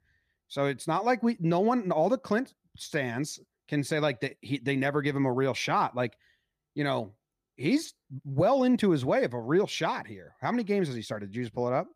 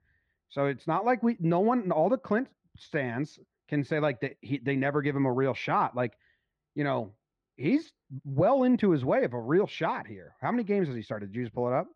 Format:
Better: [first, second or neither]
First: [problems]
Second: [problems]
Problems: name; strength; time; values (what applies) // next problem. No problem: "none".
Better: first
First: none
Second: muffled; slightly; fading above 2.5 kHz